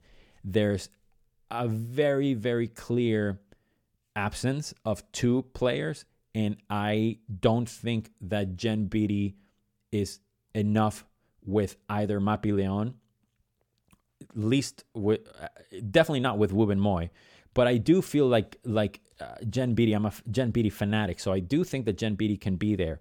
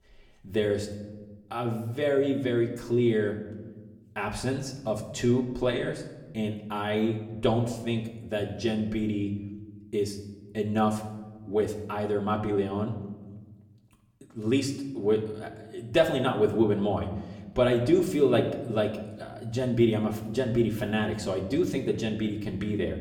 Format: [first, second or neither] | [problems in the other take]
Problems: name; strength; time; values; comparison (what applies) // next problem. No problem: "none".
first | room echo; slight; dies away in 0.8 s // off-mic speech; far